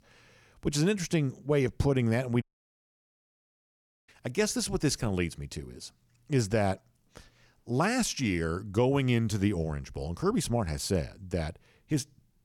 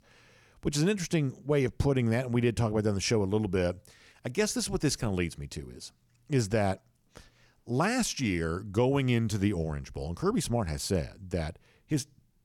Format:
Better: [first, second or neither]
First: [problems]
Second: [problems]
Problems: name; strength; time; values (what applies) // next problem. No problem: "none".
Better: second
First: audio cutting out; at 2.5 s for 1.5 s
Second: none